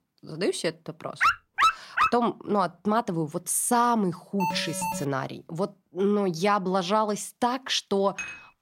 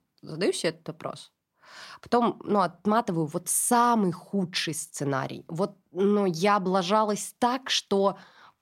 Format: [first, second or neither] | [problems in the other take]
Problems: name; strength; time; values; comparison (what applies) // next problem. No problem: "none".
second | dog barking; loud; at 1 s; peak 4 dB above the speech // alarm; noticeable; at 4.5 s; peak 4 dB below the speech // clattering dishes; noticeable; at 8 s; peak 9 dB below the speech